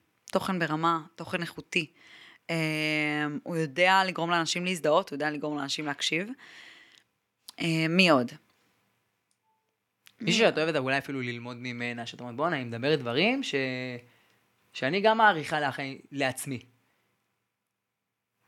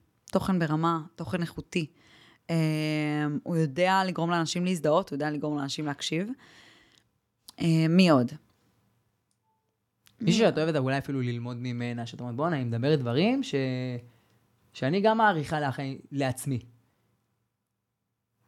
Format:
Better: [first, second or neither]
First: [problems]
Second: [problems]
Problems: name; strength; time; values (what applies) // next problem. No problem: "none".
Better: second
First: thin; very slightly; fading below 350 Hz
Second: none